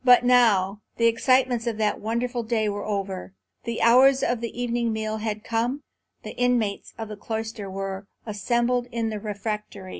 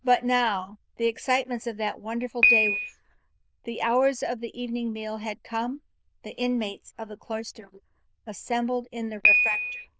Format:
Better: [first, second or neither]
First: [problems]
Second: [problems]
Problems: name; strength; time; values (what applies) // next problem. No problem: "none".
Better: first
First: none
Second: noise reduction (neural diffusion model UNIVERSE++)